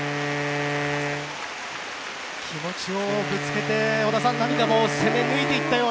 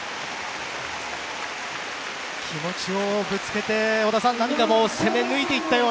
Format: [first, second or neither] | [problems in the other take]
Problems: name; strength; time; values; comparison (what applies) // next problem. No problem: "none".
second | background sound (Wind instrument, woodwind instrument); 4 dB below the speech